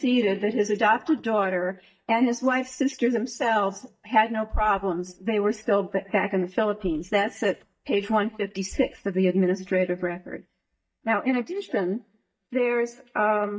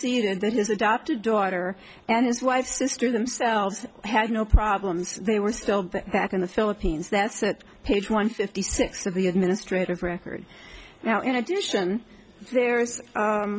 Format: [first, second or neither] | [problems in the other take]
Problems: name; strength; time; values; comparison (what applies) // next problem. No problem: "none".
second | noise reduction (neural mask model DeepFilterNet 3)